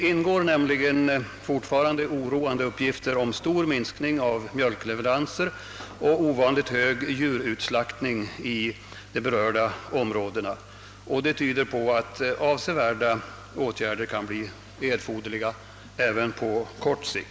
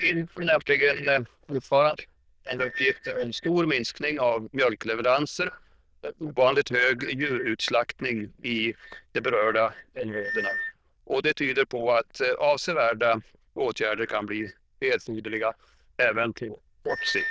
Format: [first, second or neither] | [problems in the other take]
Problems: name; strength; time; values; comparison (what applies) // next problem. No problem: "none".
first | noise reduction (neural diffusion model UNIVERSE++)